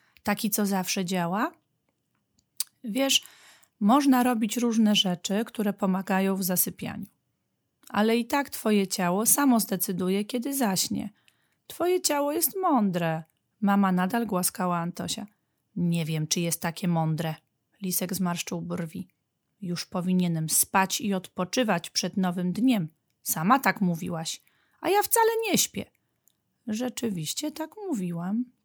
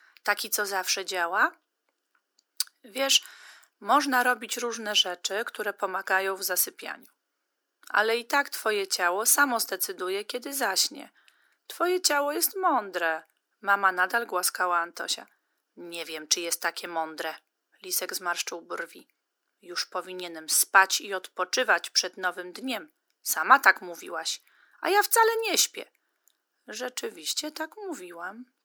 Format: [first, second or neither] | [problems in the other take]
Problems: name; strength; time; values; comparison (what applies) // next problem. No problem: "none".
first | thin; very; fading below 300 Hz